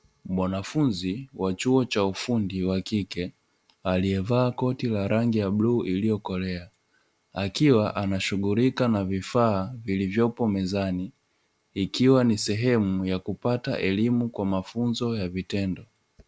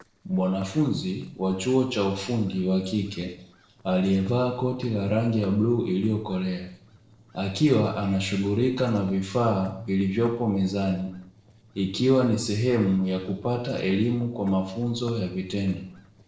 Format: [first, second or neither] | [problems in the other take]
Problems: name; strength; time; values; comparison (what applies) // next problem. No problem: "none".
first | noise reduction (neural separator model SepFormer DNS4)